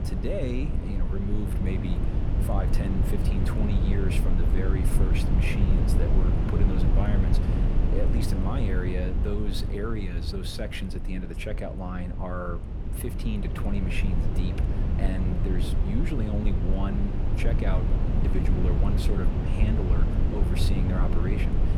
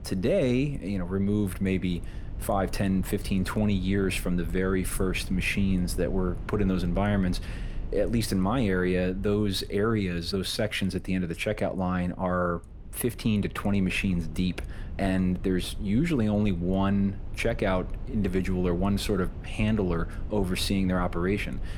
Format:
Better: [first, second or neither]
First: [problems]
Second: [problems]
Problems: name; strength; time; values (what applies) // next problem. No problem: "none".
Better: second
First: low rumble; loud; throughout; 2 dB below the speech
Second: low rumble; faint; throughout; 20 dB below the speech